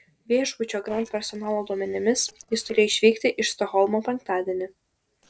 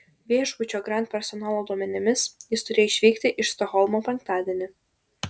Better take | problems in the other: second | noise reduction (neural separator model SepFormer DNS4)

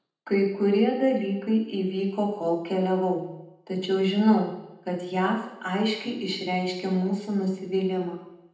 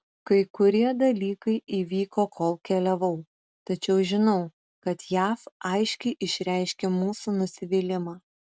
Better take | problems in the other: second | room echo; dies away in 0.8 s

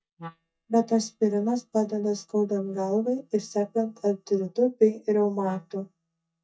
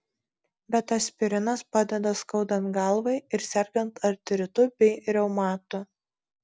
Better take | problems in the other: second | noise reduction (neural mask model DeepFilterNet 3)

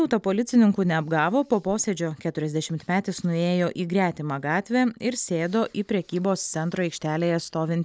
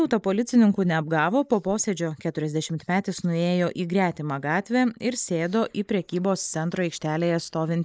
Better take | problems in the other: first | noise reduction (neural mask model Resemble Enhance denoiser)

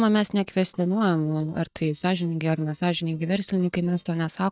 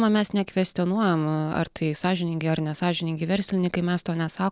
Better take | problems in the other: second | noise reduction (neural mask model DeepFilterNet 3)

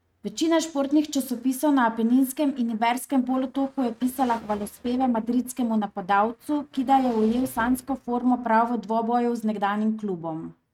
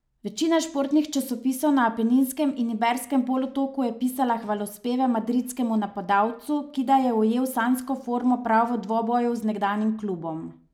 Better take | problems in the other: second | noise reduction (neural mask model RNNoise)

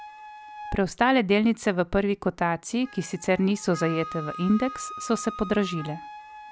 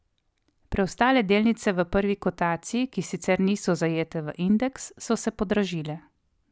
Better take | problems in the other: second | background sound (Wind instrument, woodwind instrument); 15 dB below the speech

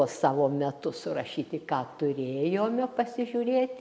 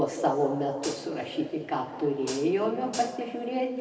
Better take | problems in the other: first | background sound (Hi-hat); 12 dB below the speech // room echo; dies away in 2 s

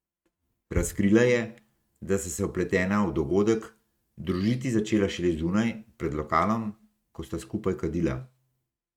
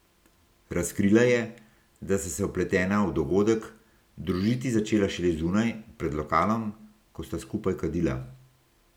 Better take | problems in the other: second | noise reduction (neural mask model RNNoise)

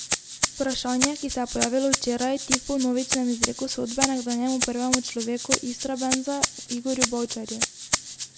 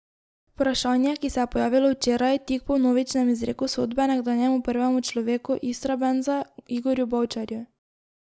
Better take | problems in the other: second | background sound (Rattle (instrument)); 1 dB below the speech

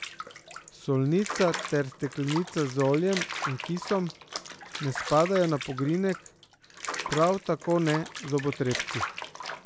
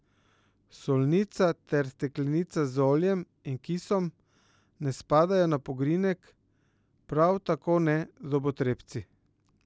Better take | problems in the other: second | background sound (Bathtub (filling or washing) / Water); 9 dB below the speech

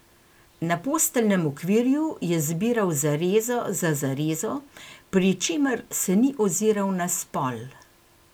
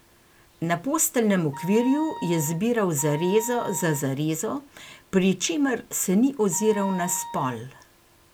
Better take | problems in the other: first | background sound (Wind instrument, woodwind instrument); 13 dB below the speech

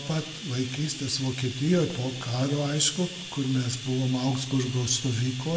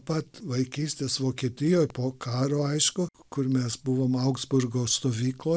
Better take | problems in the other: second | background sound (Bathtub (filling or washing)); 13 dB below the speech // room echo; dies away in 1.3 s

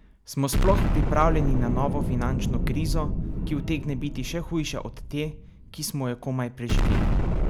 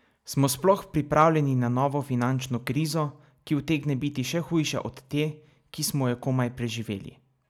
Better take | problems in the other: second | background sound (Explosion); 3 dB above the speech

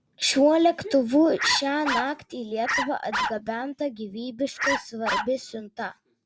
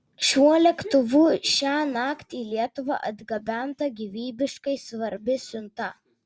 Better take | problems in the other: second | background sound (Bark); 4 dB below the speech

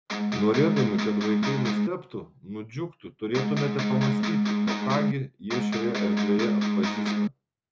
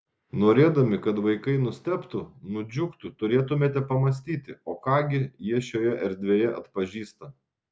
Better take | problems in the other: second | background sound (Electric guitar); 4 dB above the speech

